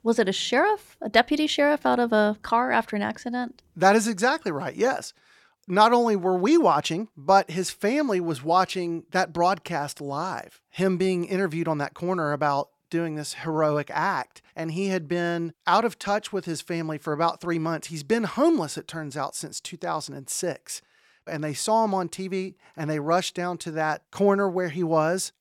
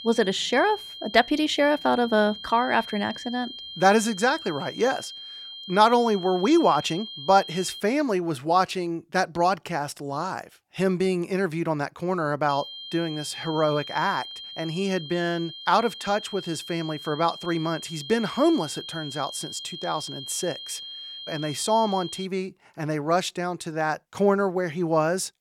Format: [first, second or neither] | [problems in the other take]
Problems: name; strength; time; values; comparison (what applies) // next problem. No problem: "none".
first | high-pitched whine; noticeable; until 8 s and from 12 to 22 s; 3 kHz, 10 dB below the speech